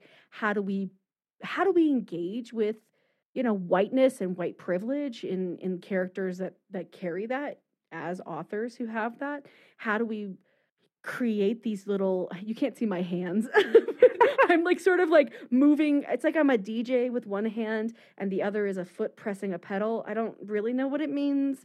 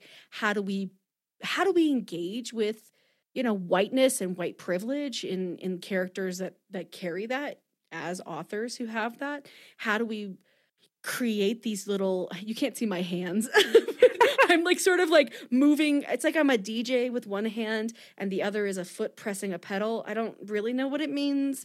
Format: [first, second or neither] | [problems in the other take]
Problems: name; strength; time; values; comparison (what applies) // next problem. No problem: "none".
second | muffled; slightly; fading above 3 kHz